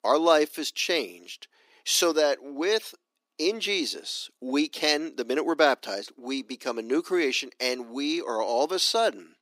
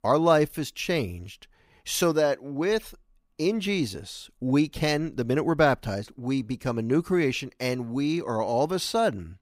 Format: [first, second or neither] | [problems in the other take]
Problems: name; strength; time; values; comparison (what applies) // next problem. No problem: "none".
second | thin; very slightly; fading below 300 Hz